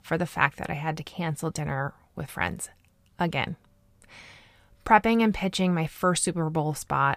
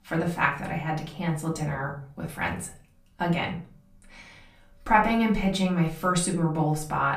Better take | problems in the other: first | room echo; slight; dies away in 0.3 s // off-mic speech; far

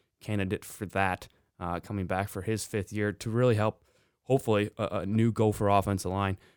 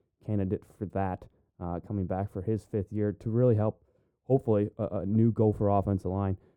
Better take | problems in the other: first | muffled; very; fading above 1 kHz

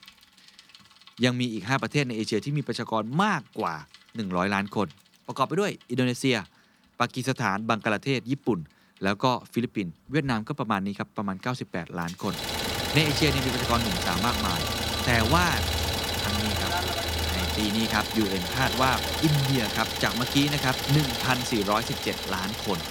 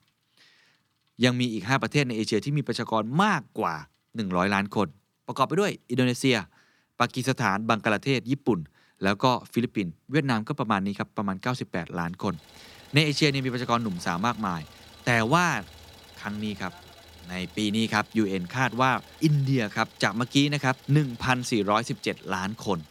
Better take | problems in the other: second | traffic noise; loud; throughout; as loud as the speech; faint in the second

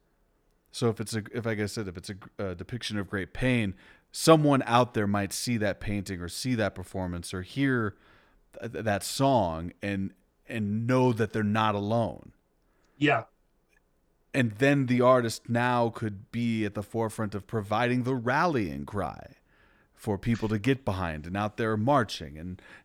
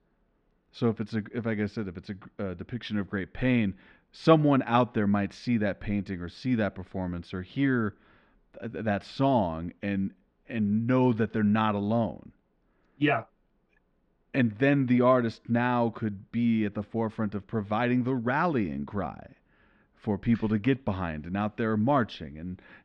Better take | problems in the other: first | muffled; slightly; fading above 3.5 kHz

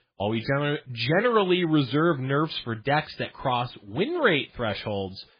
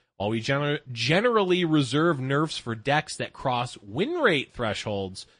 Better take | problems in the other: second | garbled, watery; badly; slightly in the second

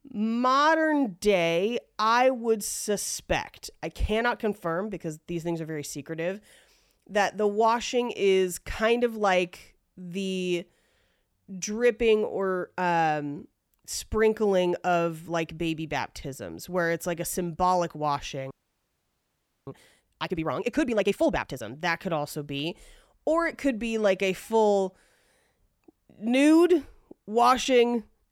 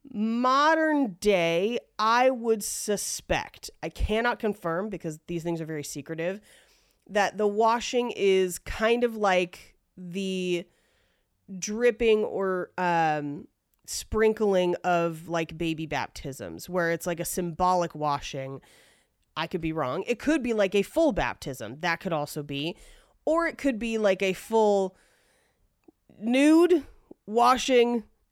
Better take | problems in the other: second | audio freezing; at 19 s for 1 s

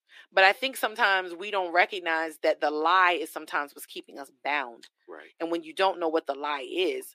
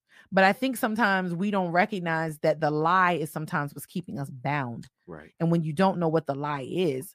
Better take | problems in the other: second | thin; very; fading below 350 Hz

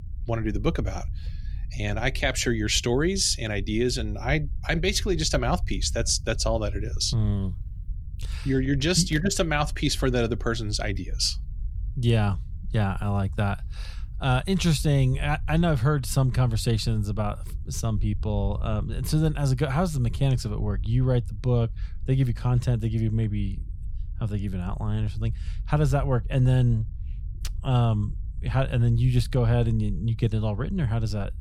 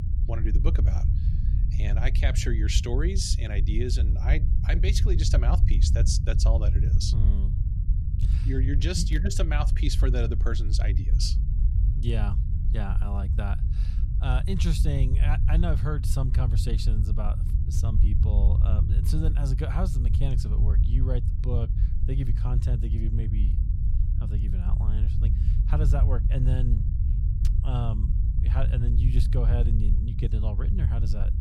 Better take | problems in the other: first | low rumble; loud; throughout; 6 dB below the speech; faint in the first

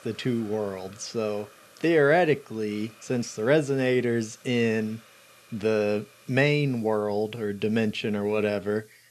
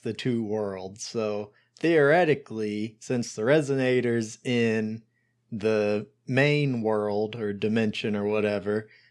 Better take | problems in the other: second | hiss; faint; throughout; 25 dB below the speech

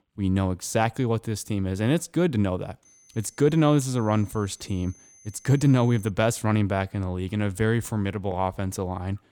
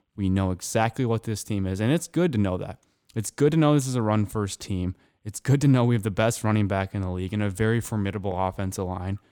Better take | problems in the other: second | high-pitched whine; faint; from 3 to 6 s; 6 kHz, 30 dB below the speech

